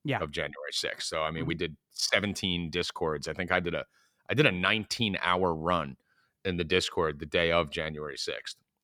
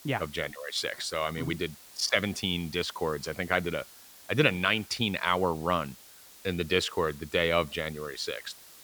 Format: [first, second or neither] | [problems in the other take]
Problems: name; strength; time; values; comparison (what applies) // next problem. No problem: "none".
first | hiss; noticeable; throughout; 20 dB below the speech